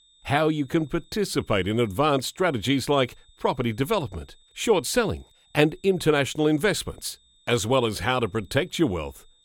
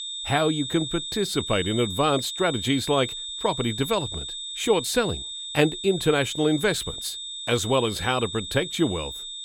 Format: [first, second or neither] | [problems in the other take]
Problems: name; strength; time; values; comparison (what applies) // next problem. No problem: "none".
first | high-pitched whine; loud; throughout; 3.5 kHz, 6 dB below the speech; faint in the first